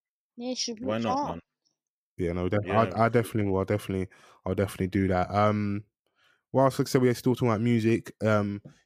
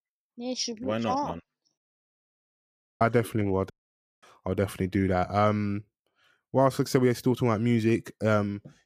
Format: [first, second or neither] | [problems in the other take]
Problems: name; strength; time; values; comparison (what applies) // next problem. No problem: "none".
first | audio cutting out; at 2 s for 1 s and at 3.5 s for 0.5 s